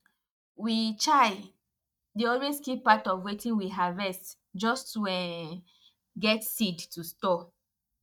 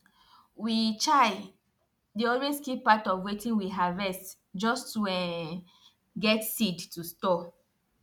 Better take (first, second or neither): second